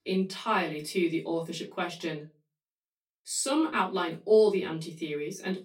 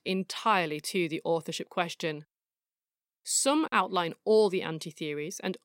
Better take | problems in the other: second | off-mic speech; far // room echo; very slight; dies away in 0.2 s

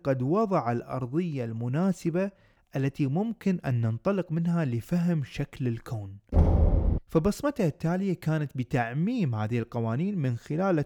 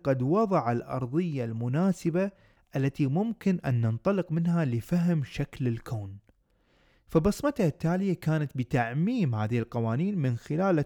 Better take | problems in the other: second | door banging; loud; at 6.5 s; peak 6 dB above the speech

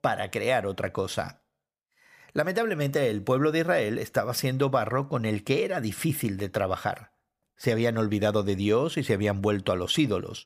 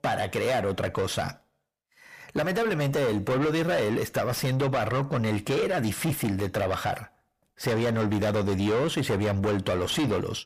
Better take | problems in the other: first | distortion; heavy; 7 dB below the speech

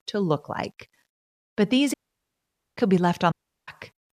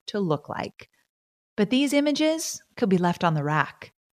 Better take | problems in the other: second | audio cutting out; at 2 s for 1 s and at 3.5 s

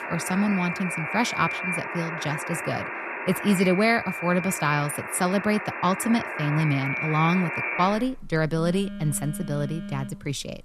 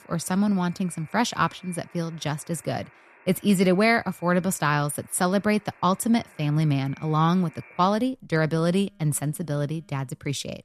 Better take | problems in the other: second | alarms or sirens; loud; throughout; 5 dB below the speech; faint in the second

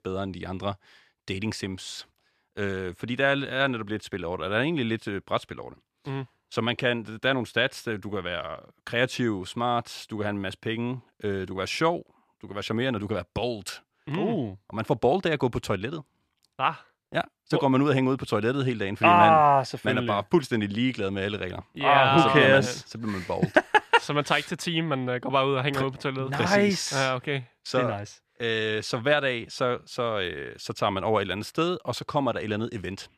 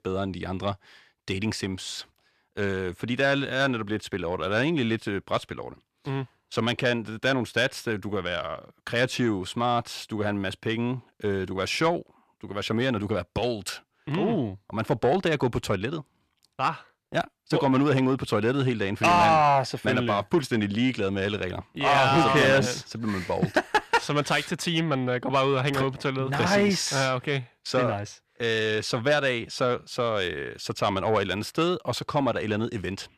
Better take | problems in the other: first | distortion; slight; 10 dB below the speech

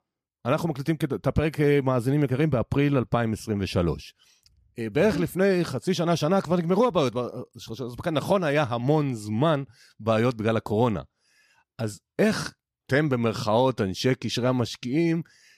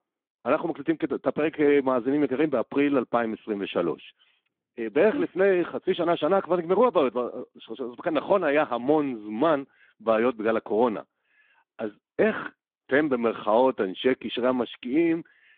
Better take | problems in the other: first | phone-call audio; nothing above 3.5 kHz

